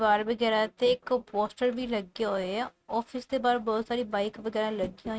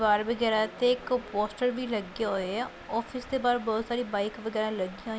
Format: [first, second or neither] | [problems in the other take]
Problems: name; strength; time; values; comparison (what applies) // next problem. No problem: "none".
second | noise reduction (neural mask model RNNoise)